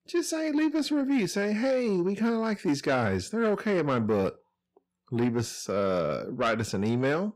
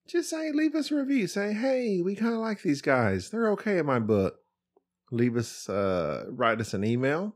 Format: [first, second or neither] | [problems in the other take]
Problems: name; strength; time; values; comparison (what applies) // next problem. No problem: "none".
second | distortion; slight; 10 dB below the speech